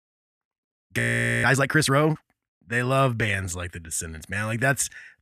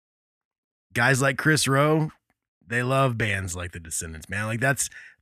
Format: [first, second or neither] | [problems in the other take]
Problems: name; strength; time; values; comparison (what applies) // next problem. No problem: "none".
second | audio freezing; at 1 s